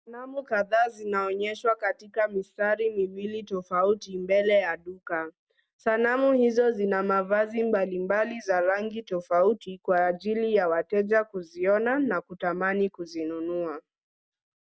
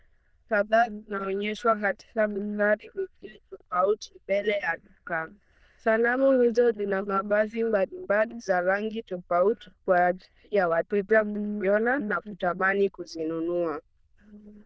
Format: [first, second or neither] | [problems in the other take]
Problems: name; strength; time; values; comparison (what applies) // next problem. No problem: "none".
first | noise reduction (neural diffusion model UNIVERSE++)